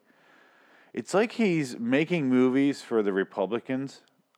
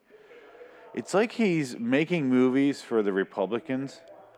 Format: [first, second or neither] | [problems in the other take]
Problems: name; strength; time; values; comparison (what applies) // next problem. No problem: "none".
first | alarms or sirens; faint; throughout; 25 dB below the speech